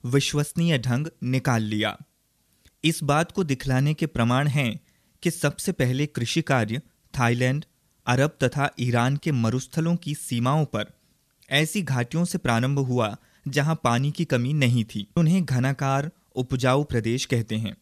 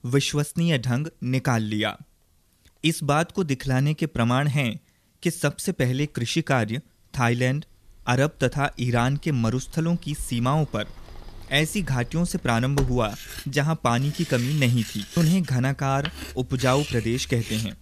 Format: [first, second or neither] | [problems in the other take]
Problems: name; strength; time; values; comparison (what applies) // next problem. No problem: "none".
first | household noises; noticeable; throughout; 15 dB below the speech